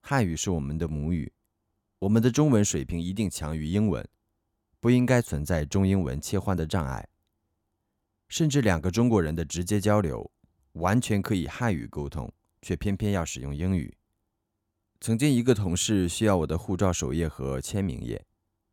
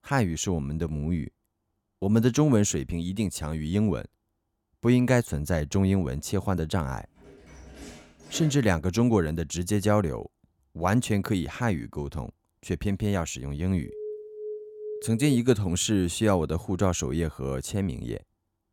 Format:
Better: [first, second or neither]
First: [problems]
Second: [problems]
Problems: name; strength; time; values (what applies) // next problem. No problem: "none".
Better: first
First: none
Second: door banging; faint; from 7 to 8.5 s; peak 15 dB below the speech // alarm; faint; from 14 to 15 s; peak 10 dB below the speech